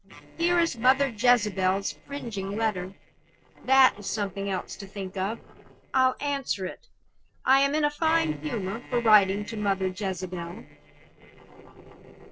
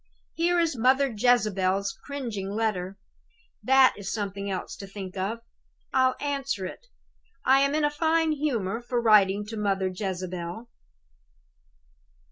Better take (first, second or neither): second